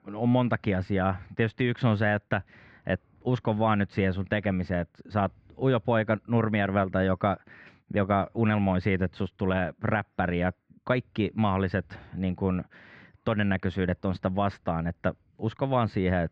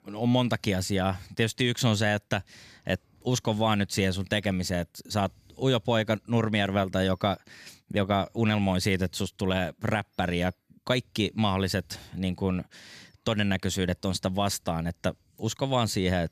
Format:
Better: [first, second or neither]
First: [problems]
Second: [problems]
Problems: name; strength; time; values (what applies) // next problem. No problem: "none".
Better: second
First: muffled; very; fading above 2 kHz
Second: none